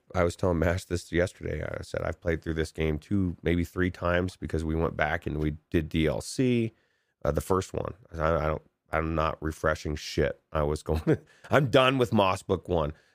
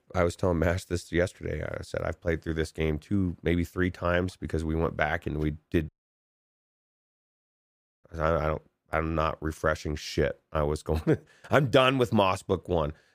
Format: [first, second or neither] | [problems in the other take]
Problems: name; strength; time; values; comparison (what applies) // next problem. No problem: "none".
first | audio cutting out; at 6 s for 2 s